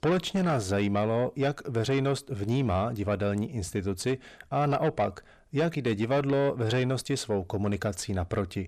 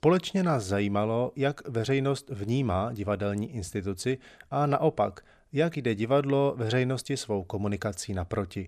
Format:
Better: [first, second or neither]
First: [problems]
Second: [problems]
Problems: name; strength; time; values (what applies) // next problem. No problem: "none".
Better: second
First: distortion; slight; 10 dB below the speech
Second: none